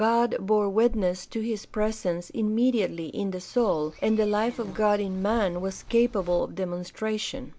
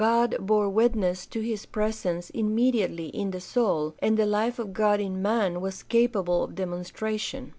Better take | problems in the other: second | background sound (Walk, footsteps / Insect); 18 dB below the speech

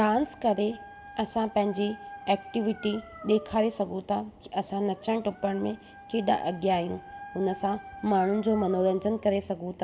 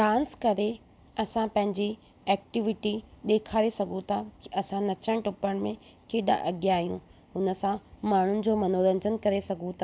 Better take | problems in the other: second | background sound (Dog); 18 dB below the speech // room echo; dies away in 1.1 s

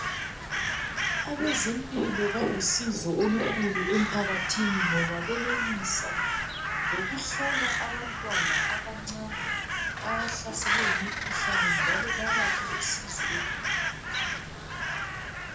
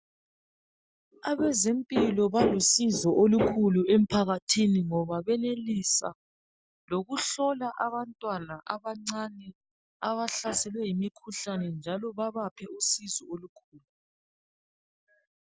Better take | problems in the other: second | background sound (Crow); 3 dB above the speech // room echo; dies away in 0.4 s

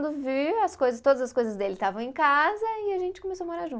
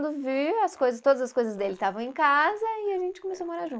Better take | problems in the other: first | noise reduction (neural mask model Resemble Enhance denoiser)

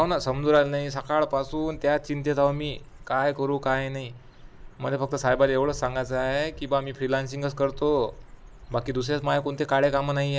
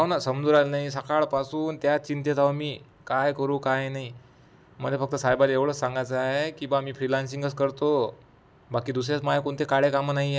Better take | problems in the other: second | background sound (Bird / Dog); 17 dB below the speech

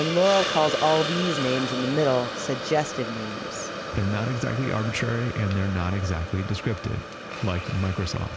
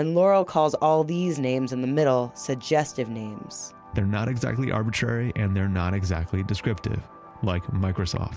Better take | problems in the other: second | background sound (Hiss); 6 dB below the speech

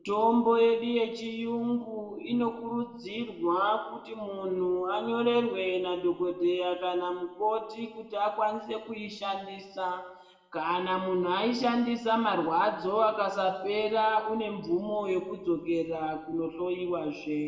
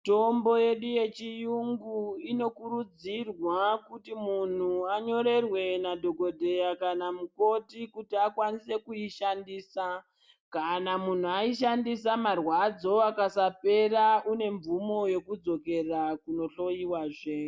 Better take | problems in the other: second | room echo; dies away in 0.9 s

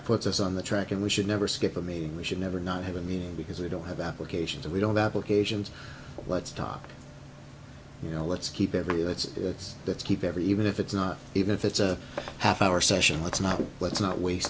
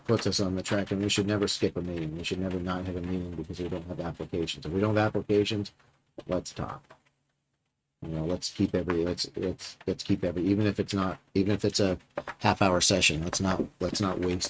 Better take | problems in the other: first | noise reduction (neural mask model RNNoise)

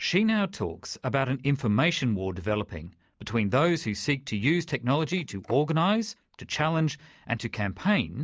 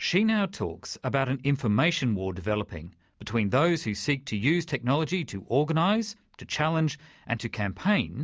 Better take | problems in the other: second | noise reduction (neural mask model Resemble Enhance denoiser)

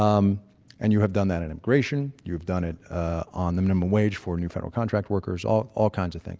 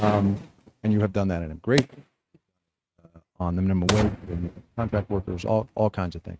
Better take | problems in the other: first | noise reduction (neural mask model RNNoise)

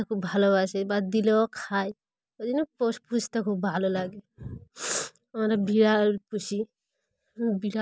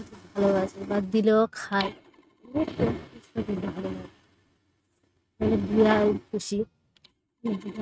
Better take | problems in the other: first | noise reduction (neural mask model RNNoise)

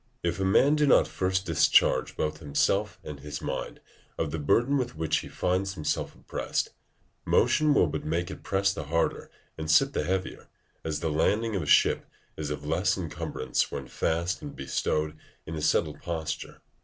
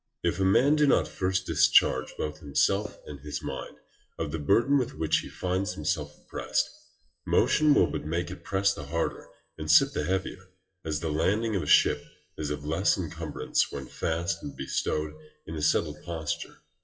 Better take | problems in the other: first | noise reduction (classical method WPE with log-MMSE)

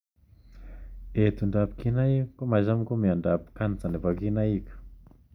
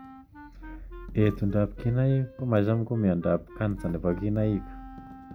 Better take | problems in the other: first | background sound (Coin (dropping) + Wind instrument, woodwind instrument); 18 dB below the speech

